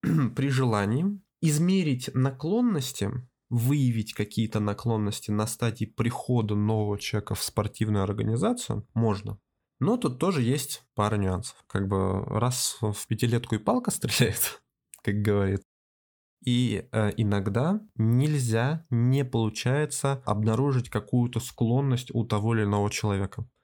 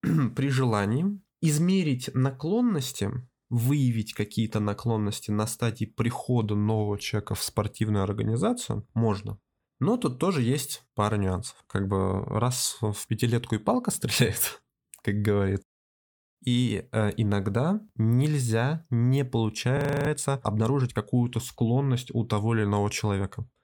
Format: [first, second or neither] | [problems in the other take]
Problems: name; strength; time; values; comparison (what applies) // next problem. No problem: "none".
first | audio freezing; at 20 s